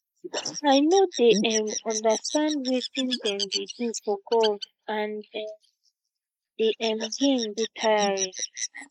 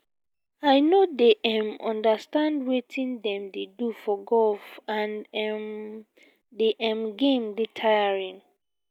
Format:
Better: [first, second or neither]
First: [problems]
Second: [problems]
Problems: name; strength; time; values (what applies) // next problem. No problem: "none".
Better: second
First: noise reduction (neural mask model Resemble Enhance denoiser)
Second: none